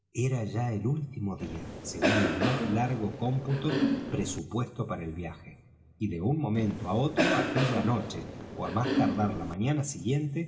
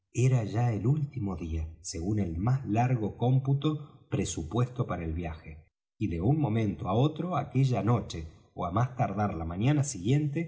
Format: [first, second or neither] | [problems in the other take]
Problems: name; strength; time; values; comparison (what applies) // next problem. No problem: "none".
second | background sound (Cough); as loud as the speech // room echo; dies away in 1.7 s